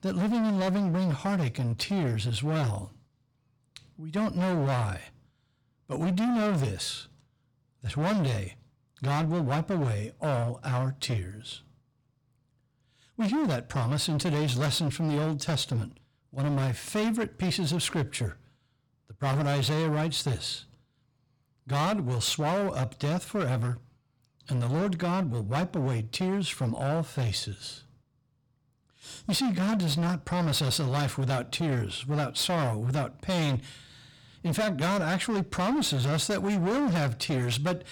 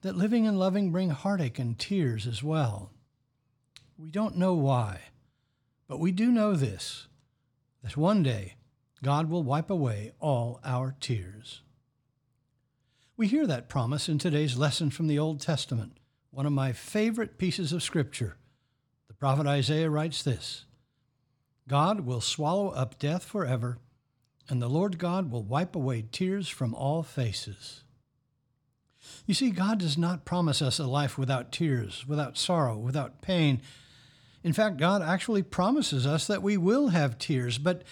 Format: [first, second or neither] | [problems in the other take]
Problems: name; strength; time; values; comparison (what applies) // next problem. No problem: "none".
second | distortion; heavy; 22% of the sound clipped